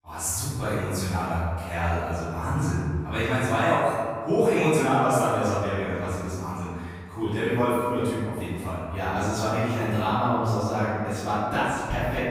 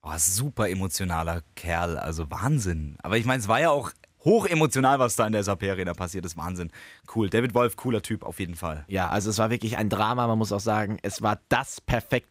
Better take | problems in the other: second | room echo; strong; dies away in 1.7 s // off-mic speech; far

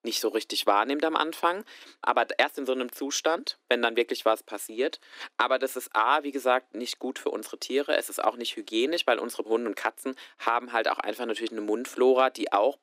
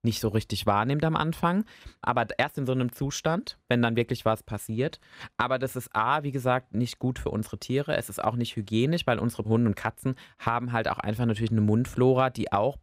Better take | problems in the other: second | thin; somewhat; fading below 300 Hz

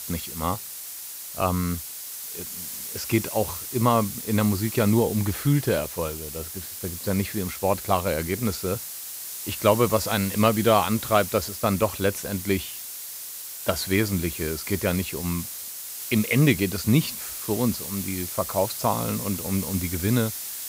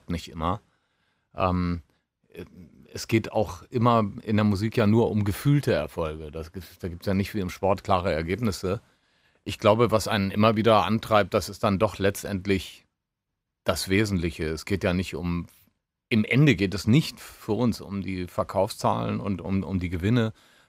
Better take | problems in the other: second | hiss; loud; throughout; 7 dB below the speech

